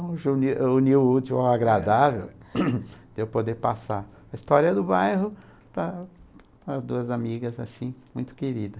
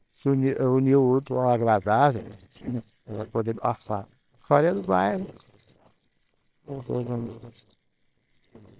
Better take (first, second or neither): first